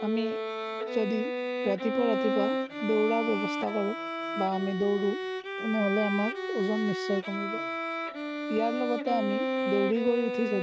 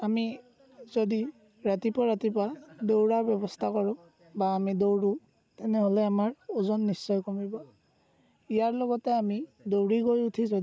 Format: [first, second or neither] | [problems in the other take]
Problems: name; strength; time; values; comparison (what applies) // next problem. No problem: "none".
second | background sound (Bowed string instrument); 2 dB below the speech